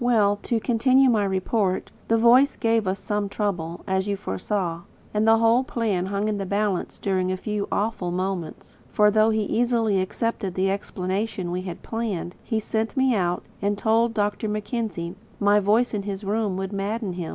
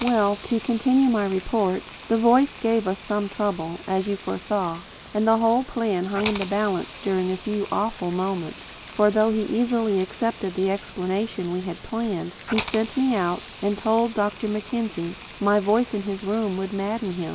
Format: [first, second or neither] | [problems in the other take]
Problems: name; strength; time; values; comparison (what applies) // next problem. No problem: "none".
first | background sound (Rain + Hiss); 16 dB below the speech